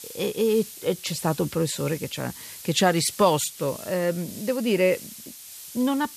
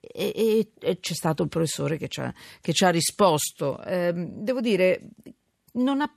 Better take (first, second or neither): second